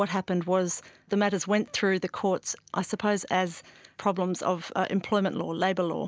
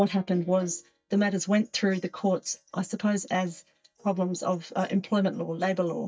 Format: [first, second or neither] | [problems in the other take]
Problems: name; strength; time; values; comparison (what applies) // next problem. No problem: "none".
first | noise reduction (neural mask model DeepFilterNet 3)